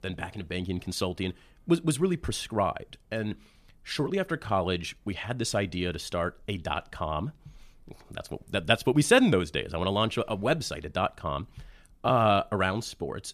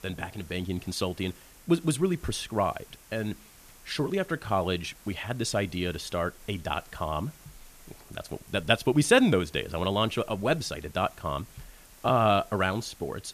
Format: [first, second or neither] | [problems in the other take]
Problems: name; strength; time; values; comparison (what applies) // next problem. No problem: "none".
first | hiss; faint; throughout; 25 dB below the speech